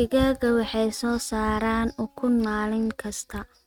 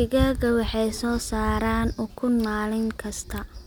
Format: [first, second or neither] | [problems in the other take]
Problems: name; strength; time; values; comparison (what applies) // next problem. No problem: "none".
second | noise reduction (neural mask model RNNoise)